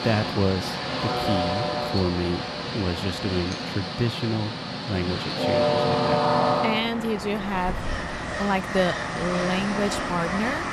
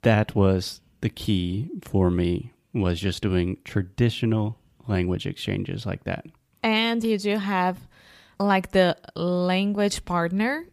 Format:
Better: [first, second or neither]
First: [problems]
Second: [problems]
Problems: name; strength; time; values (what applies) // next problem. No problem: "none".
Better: second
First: train or aircraft noise; very loud; throughout; 1 dB above the speech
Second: none